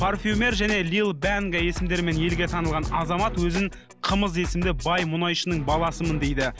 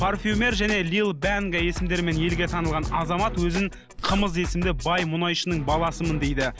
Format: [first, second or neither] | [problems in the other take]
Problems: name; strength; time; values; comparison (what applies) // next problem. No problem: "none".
first | background sound (Zipper (clothing)); 10 dB below the speech